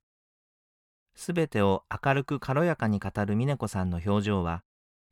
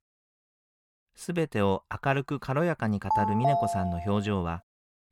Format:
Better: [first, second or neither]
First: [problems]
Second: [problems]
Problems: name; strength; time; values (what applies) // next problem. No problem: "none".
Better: first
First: none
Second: phone ringing; loud; at 3 s; peak 3 dB above the speech